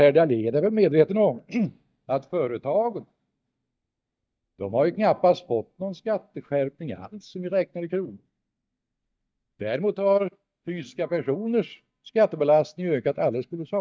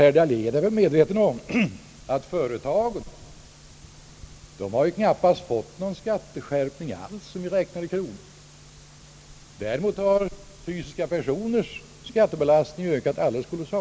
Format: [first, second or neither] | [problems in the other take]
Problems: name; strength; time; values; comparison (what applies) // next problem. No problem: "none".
second | noise reduction (neural mask model DeepFilterNet 3)